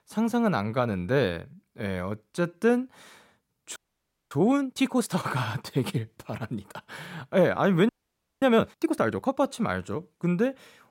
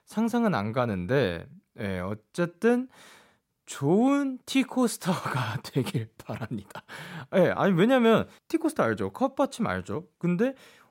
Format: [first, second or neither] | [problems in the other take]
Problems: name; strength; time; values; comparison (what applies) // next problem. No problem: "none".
second | audio freezing; at 4 s for 0.5 s and at 8 s for 0.5 s